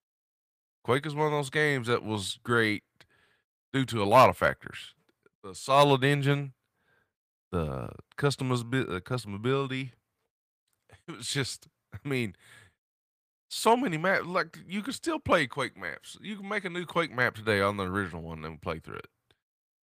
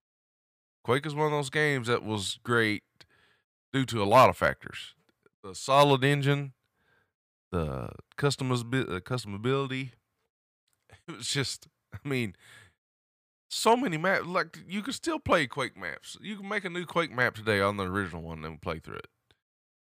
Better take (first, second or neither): second